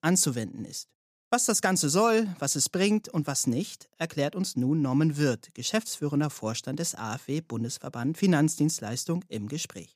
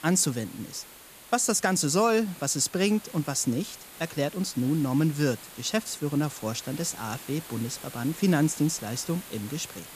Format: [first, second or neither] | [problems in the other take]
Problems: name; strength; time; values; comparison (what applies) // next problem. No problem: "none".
first | hiss; noticeable; throughout; 15 dB below the speech